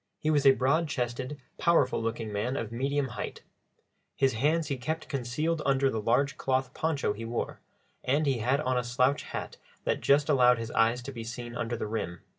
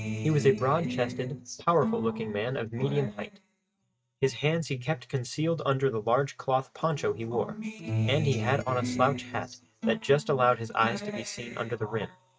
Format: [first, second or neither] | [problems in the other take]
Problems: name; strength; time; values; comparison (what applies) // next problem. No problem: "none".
first | noise reduction (neural mask model RNNoise)